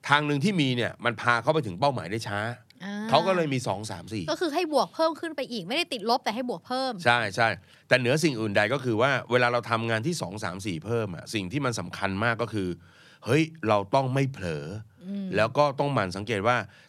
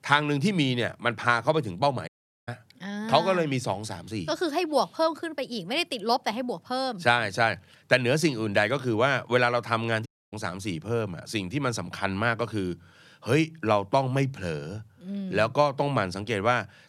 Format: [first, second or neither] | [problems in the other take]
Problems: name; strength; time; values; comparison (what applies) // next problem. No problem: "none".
first | audio cutting out; at 2 s and at 10 s